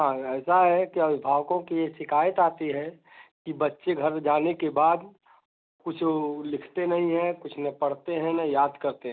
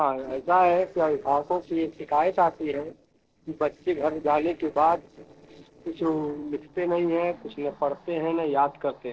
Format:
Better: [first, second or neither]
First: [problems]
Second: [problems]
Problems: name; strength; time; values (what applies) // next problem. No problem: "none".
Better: first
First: none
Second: noise reduction (neural separator model SepFormer DNS4)